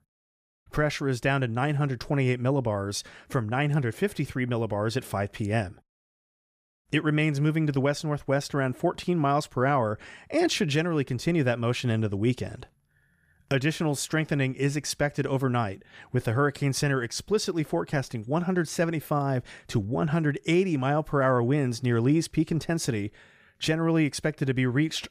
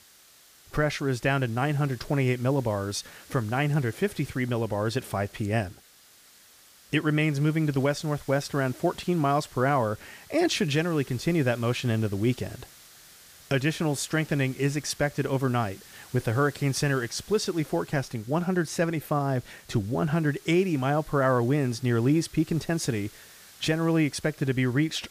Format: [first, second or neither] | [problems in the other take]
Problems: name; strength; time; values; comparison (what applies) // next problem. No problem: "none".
first | hiss; faint; throughout; 20 dB below the speech